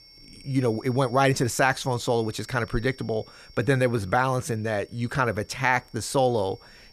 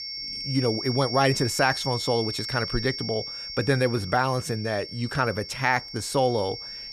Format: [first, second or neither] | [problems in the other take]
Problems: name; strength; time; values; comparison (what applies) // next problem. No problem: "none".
first | high-pitched whine; loud; throughout; 5.5 kHz, 6 dB below the speech; faint in the first